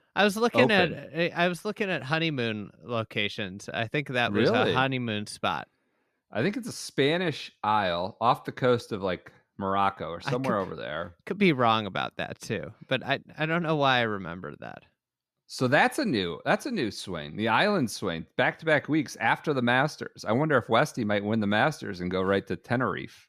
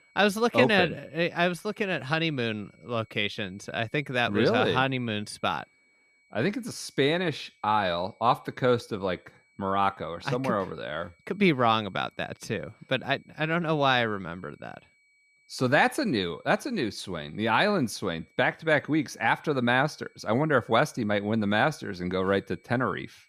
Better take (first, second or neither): first